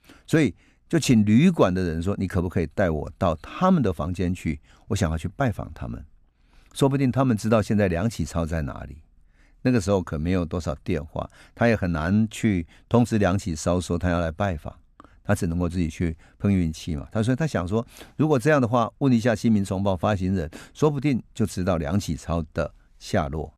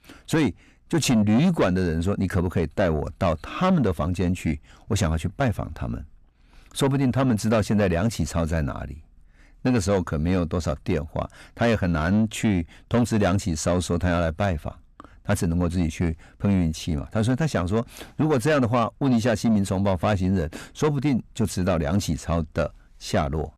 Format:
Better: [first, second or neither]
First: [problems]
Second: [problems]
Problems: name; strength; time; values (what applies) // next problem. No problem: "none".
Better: first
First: none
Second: distortion; slight; 10 dB below the speech